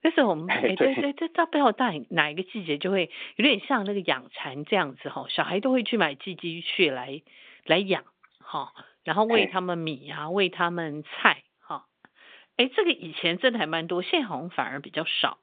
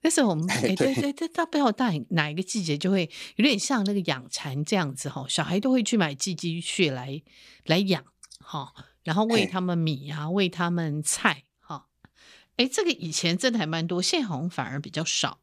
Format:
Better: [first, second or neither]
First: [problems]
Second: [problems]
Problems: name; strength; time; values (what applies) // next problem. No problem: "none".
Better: second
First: phone-call audio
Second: none